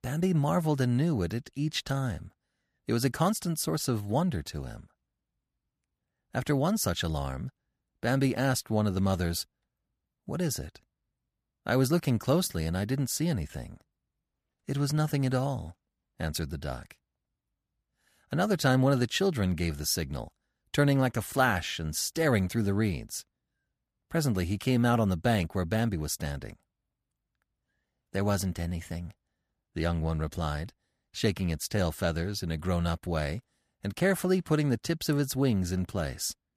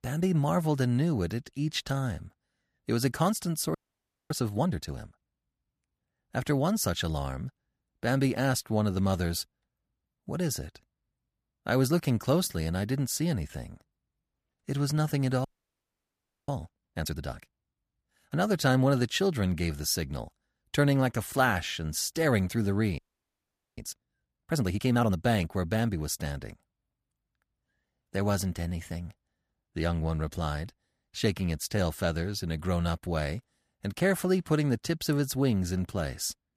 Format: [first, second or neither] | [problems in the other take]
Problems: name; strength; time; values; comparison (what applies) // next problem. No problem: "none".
first | audio freezing; at 4 s for 0.5 s, at 15 s for 1 s and at 23 s for 1 s